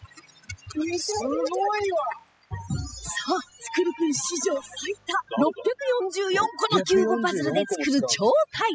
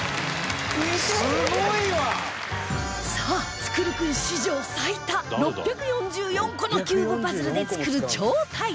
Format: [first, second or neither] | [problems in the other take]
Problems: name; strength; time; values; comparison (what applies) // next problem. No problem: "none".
second | noise reduction (classical method spectral subtraction)